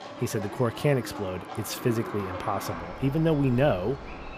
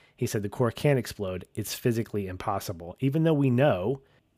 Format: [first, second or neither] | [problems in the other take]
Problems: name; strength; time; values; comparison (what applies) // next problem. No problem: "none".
second | animal sounds; noticeable; throughout; 10 dB below the speech